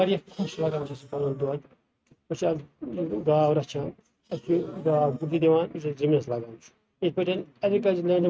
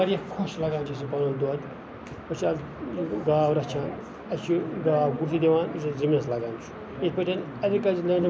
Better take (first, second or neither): second